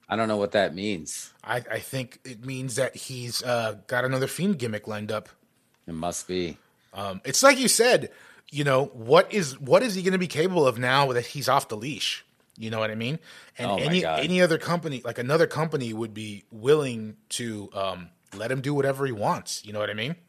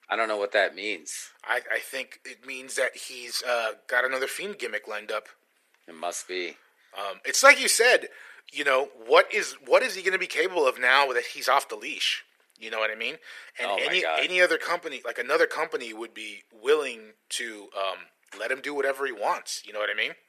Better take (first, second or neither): first